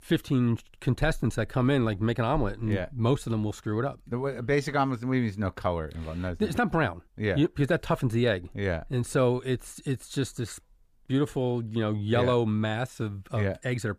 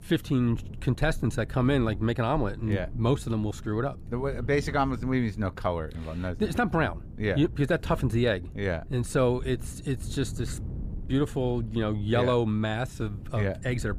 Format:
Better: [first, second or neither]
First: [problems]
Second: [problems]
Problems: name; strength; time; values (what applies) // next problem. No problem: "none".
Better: first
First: none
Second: wind noise on the microphone; occasional gusts; 20 dB below the speech